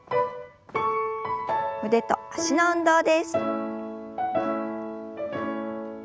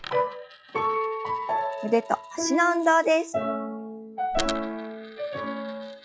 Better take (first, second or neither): first